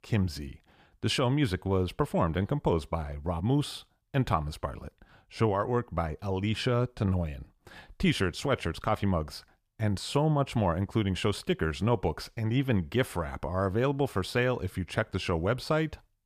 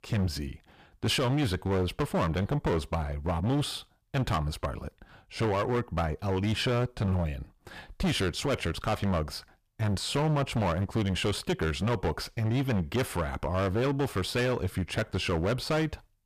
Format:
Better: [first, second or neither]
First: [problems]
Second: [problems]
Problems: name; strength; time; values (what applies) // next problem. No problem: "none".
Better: first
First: none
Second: distortion; heavy; 15% of the sound clipped